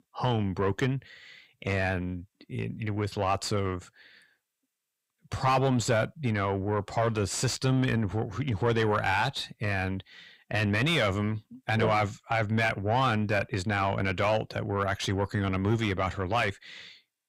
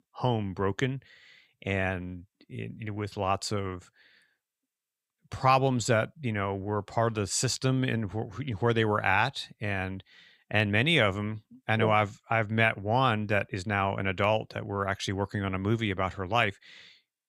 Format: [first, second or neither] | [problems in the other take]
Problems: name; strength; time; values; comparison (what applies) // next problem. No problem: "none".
second | distortion; heavy; 7 dB below the speech